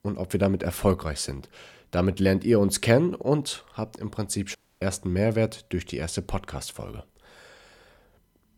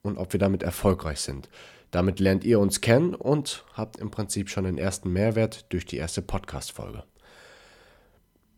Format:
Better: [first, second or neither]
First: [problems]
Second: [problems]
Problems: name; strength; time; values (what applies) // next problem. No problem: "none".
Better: second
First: audio cutting out; at 4.5 s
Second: none